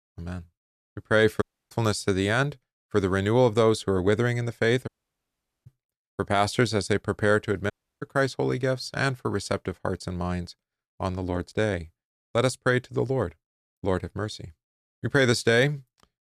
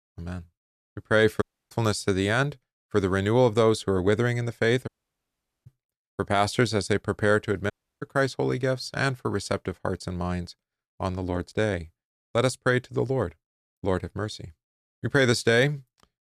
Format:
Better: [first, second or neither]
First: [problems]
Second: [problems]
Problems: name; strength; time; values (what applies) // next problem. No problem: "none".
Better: neither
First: audio cutting out; at 1.5 s, at 5 s for 1 s and at 7.5 s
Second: audio cutting out; at 1.5 s, at 5 s for 1 s and at 7.5 s